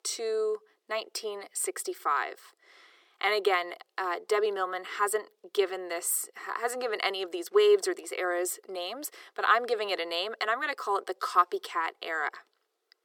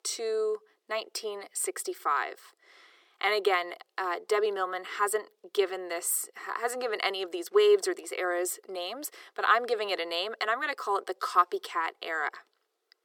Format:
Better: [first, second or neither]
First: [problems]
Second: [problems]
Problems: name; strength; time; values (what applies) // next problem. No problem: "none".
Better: neither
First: thin; very; fading below 350 Hz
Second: thin; very; fading below 350 Hz